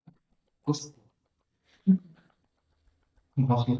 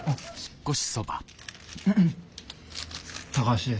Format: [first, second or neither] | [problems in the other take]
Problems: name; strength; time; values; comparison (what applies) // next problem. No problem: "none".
second | noise reduction (neural mask model DeepFilterNet 3)